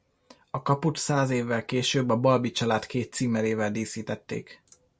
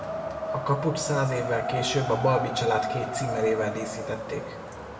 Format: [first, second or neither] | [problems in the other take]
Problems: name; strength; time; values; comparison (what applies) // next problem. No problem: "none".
first | background sound (Wind); 4 dB below the speech // room echo; dies away in 1.8 s